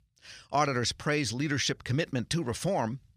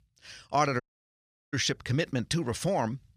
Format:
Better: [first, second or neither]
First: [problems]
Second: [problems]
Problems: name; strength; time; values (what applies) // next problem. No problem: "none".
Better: first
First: none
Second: audio cutting out; at 1 s for 0.5 s